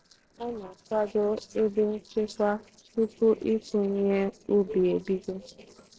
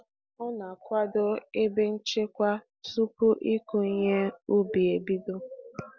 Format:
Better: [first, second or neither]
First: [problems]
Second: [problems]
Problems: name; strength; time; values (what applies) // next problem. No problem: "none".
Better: second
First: noise reduction (neural separator model SepFormer DNS4)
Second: none